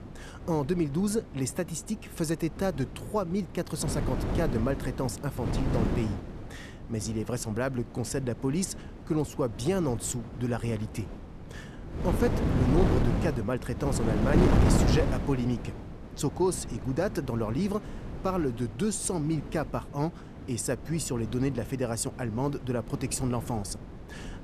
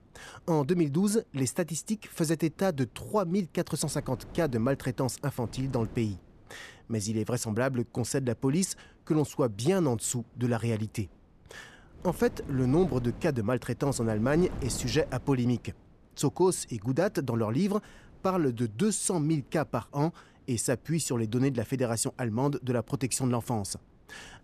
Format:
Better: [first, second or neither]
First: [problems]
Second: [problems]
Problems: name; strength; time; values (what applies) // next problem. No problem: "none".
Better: second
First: wind noise on the microphone; heavy; 5 dB below the speech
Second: wind noise on the microphone; occasional gusts; 25 dB below the speech